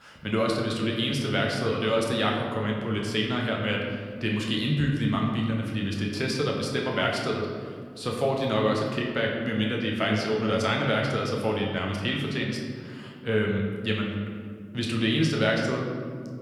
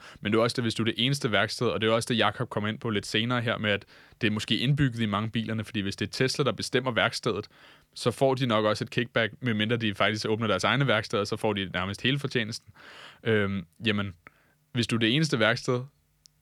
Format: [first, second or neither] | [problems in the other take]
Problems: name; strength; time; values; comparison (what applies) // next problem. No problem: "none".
second | room echo; noticeable; dies away in 1.9 s // off-mic speech; somewhat distant